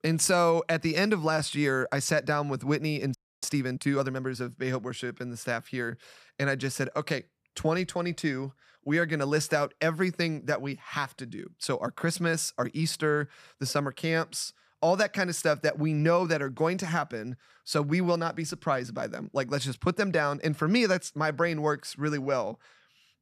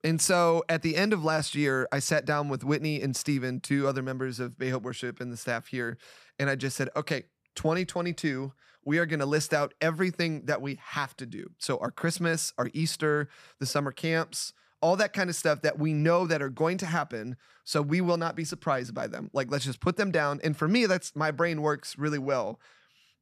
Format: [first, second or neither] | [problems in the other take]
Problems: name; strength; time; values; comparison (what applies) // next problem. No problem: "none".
second | audio freezing; at 3 s